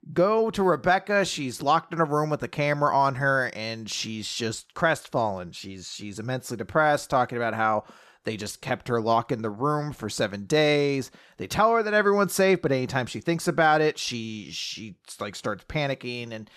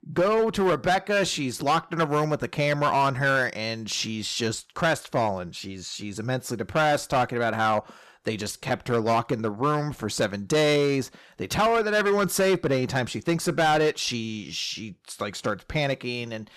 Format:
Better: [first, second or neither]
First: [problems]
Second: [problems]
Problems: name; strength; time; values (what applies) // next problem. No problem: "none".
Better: first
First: none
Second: distortion; slight; 8% of the sound clipped